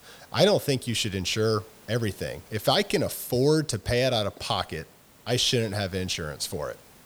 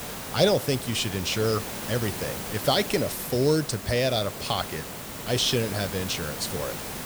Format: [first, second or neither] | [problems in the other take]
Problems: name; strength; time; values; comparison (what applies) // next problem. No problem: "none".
first | hiss; loud; throughout; 8 dB below the speech; faint in the first